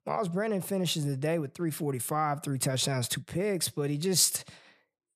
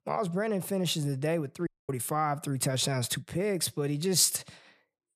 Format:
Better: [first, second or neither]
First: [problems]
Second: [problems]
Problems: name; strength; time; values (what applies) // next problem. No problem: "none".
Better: first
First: none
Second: audio cutting out; at 1.5 s